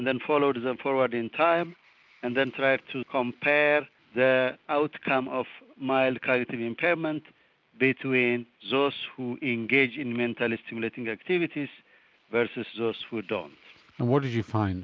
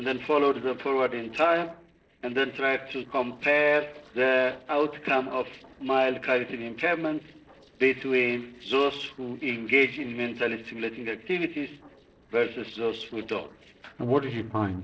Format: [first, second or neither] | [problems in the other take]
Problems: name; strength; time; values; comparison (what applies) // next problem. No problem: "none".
first | noise reduction (neural separator model SepFormer DNS4)